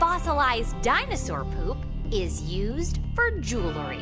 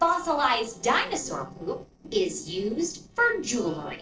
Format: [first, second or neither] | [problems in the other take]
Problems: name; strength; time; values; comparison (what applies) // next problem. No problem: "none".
first | noise reduction (neural separator model SepFormer DNS4)